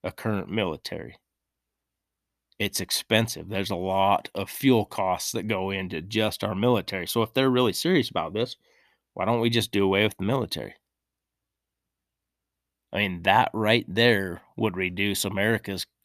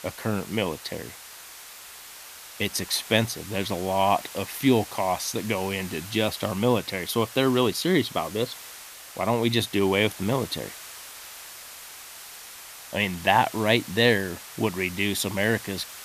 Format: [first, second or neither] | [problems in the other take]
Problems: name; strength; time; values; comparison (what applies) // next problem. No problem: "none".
first | hiss; noticeable; throughout; 15 dB below the speech